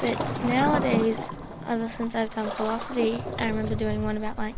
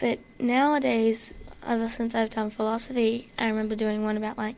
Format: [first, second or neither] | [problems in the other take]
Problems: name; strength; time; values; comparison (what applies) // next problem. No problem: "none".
second | background sound (Waves, surf); 3 dB below the speech